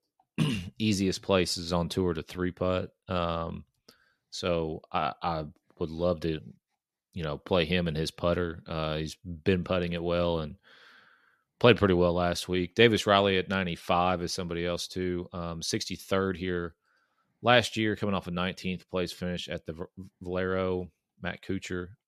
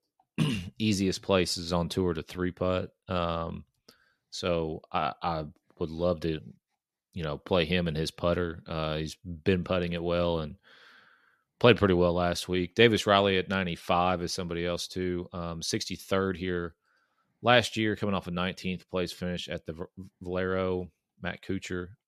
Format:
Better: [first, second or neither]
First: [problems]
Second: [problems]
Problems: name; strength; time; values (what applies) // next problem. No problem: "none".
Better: neither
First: none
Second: none